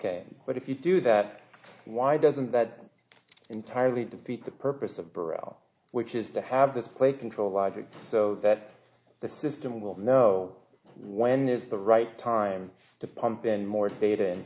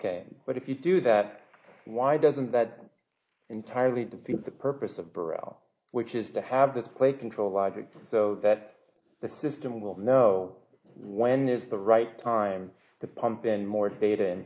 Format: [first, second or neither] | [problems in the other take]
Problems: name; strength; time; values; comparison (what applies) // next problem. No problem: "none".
first | noise reduction (neural mask model Resemble Enhance denoiser)